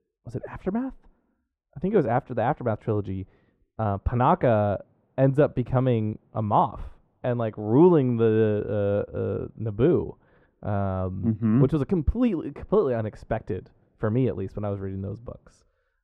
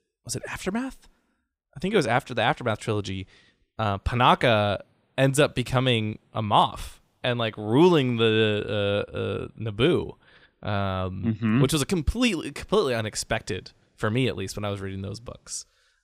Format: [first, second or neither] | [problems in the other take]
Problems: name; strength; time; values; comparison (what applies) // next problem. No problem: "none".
second | muffled; very; fading above 2.5 kHz